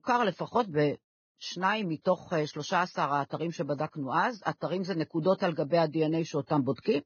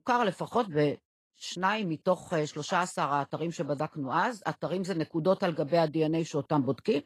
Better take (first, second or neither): second